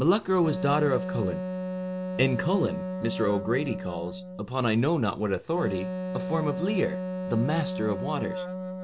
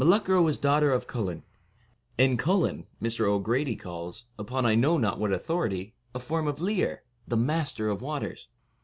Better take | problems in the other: second | background sound (Wind instrument, woodwind instrument); 5 dB below the speech

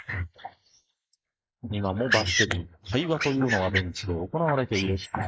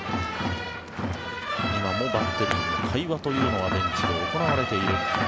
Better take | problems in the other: second | noise reduction (neural mask model Resemble Enhance denoiser)

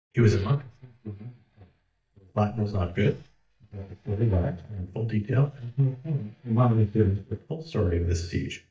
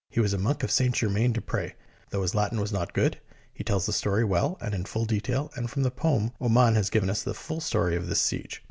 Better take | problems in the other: second | noise reduction (neural mask model DeepFilterNet 3)

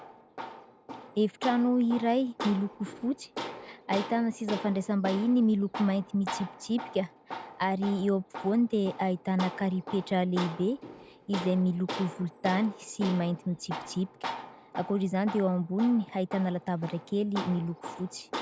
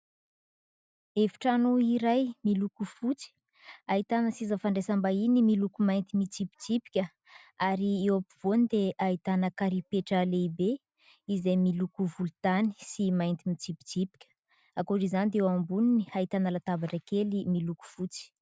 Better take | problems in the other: second | background sound (Tools); 12 dB below the speech

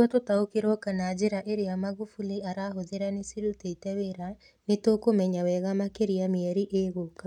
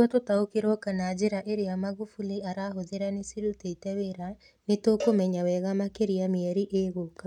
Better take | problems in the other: first | background sound (Cowbell); 14 dB below the speech

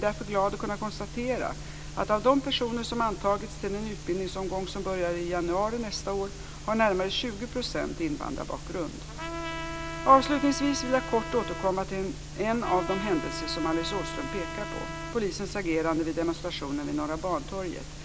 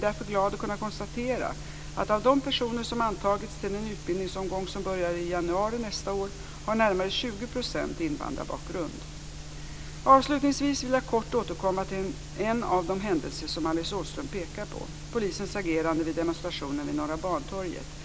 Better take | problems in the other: second | background sound (Trumpet); 9 dB below the speech

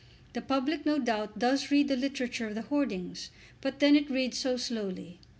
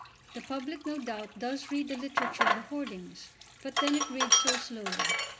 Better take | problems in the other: first | background sound (Sink (filling or washing)); 3 dB above the speech

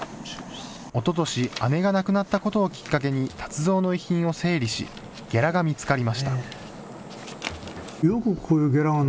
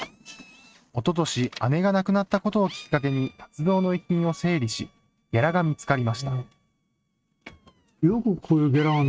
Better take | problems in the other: first | noise reduction (neural mask model RNNoise)

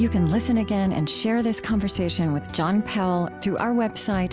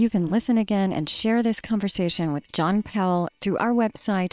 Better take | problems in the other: first | noise reduction (neural separator model SepFormer WHAM!)

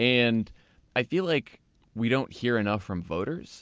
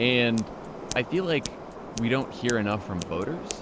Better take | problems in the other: first | background sound (Scissors + Subway, metro, underground); 10 dB below the speech

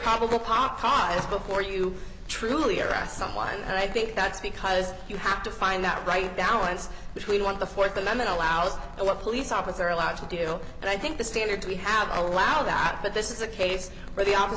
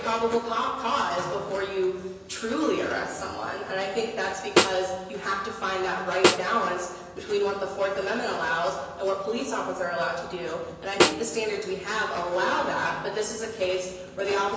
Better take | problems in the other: first | background sound (Snare drum); as loud as the speech // room echo; dies away in 1 s

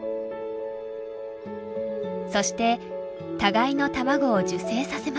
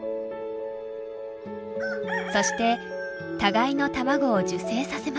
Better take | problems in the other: first | background sound (Chicken, rooster); 8 dB below the speech

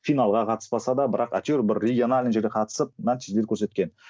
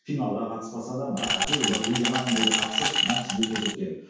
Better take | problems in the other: first | background sound (Glass); 2 dB above the speech // room echo; dies away in 0.6 s

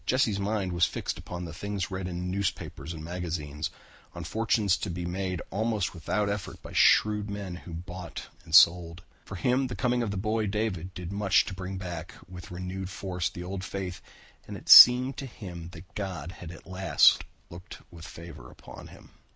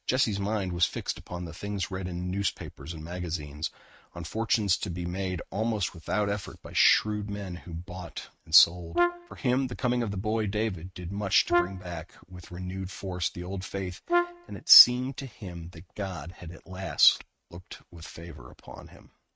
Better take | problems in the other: first | noise reduction (neural mask model RNNoise)

